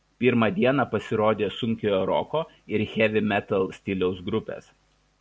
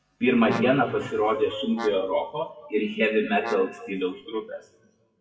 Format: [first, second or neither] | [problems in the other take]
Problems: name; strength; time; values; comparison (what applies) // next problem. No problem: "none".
first | noise reduction (classical method WPE with log-MMSE)